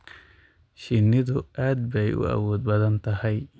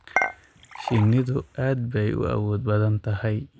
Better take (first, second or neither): first